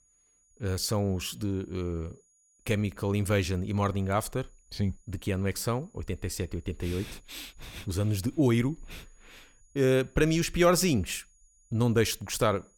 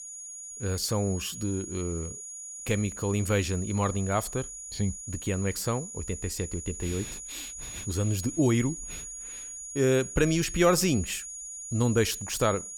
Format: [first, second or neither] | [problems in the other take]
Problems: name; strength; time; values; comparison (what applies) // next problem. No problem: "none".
first | high-pitched whine; loud; throughout; 7 kHz, 9 dB below the speech; faint in the first